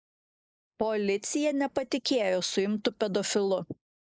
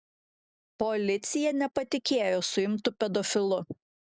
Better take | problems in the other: second | noise reduction (neural mask model Resemble Enhance denoiser)

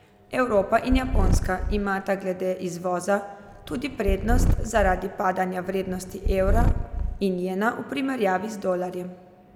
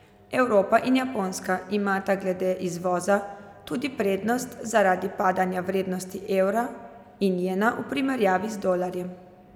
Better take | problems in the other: second | background sound (Purr); as loud as the speech

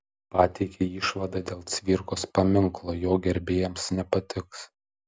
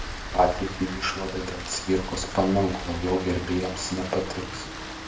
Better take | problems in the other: first | background sound (Rain); 8 dB below the speech // room echo; dies away in 0.6 s

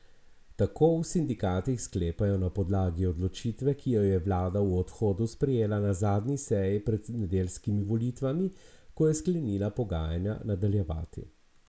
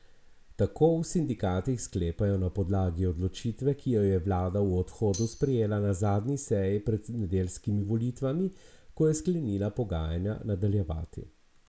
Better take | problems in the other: first | background sound (Tambourine); 16 dB below the speech

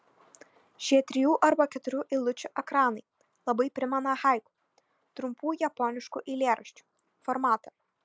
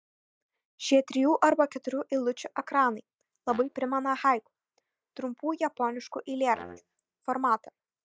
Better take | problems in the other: first | noise reduction (neural mask model DeepFilterNet 3)

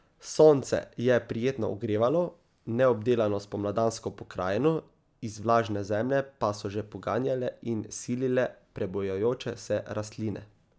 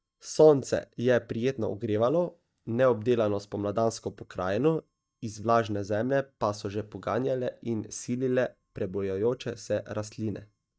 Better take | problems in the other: first | noise reduction (neural mask model DeepFilterNet 3)

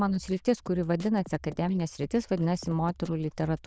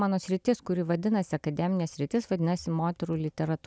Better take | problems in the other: second | noise reduction (neural diffusion model UNIVERSE++)

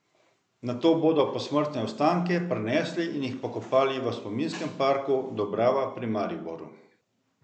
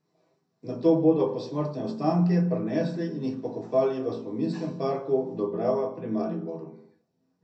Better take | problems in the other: first | room echo; dies away in 0.3 s

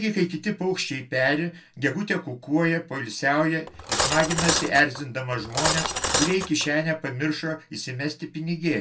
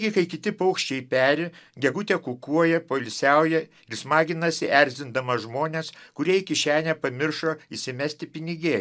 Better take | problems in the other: second | background sound (Cutlery, silverware); 1 dB below the speech // room echo; dies away in 0.2 s

